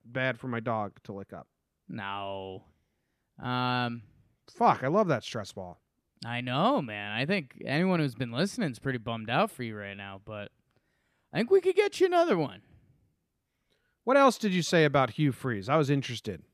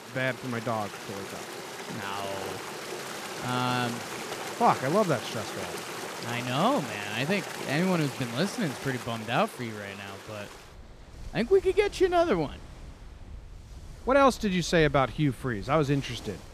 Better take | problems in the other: first | rain or running water; noticeable; throughout; 10 dB below the speech

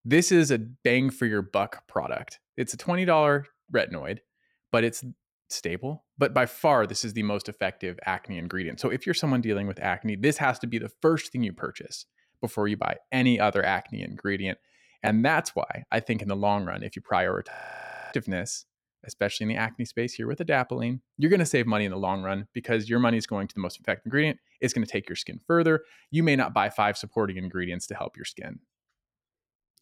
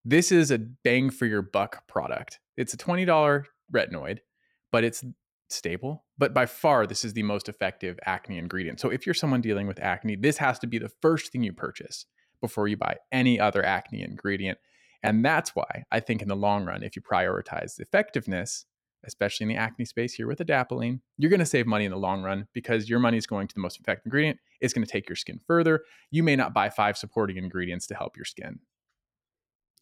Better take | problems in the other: second | audio freezing; at 18 s for 0.5 s

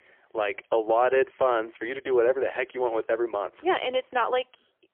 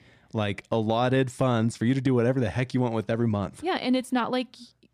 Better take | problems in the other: second | phone-call audio; poor line; nothing above 3.5 kHz

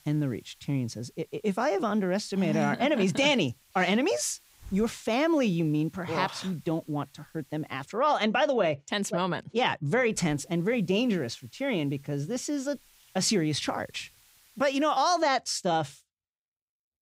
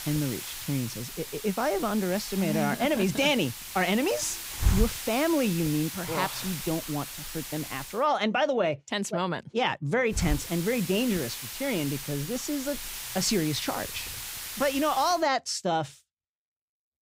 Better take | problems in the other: first | hiss; loud; until 8 s and from 10 to 15 s; 7 dB below the speech; faint in the first

